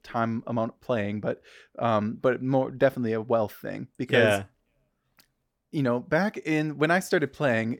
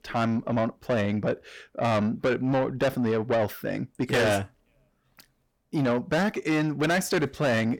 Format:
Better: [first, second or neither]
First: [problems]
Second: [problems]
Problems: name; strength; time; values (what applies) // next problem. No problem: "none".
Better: first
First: none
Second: distortion; heavy; 7 dB below the speech